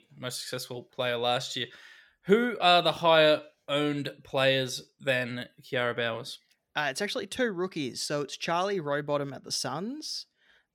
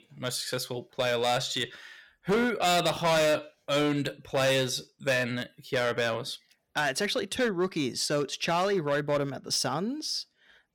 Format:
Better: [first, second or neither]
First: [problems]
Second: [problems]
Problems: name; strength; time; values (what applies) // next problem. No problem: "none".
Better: first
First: none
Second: distortion; heavy; 8% of the sound clipped